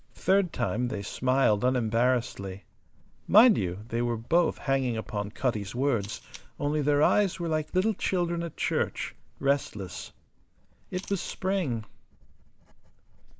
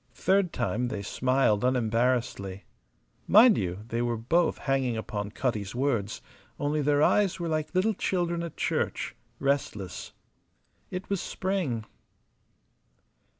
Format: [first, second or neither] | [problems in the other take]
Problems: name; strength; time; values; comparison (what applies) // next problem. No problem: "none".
second | noise reduction (neural mask model Resemble Enhance denoiser)